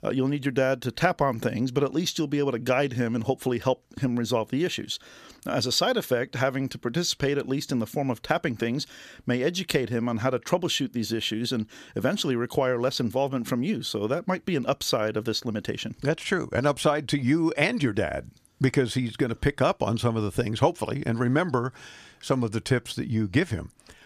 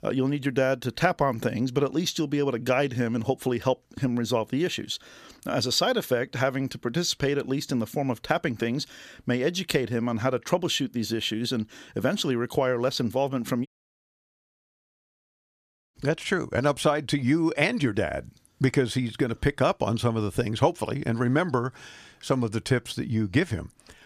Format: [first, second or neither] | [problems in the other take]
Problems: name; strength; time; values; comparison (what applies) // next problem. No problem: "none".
first | audio cutting out; at 14 s for 2.5 s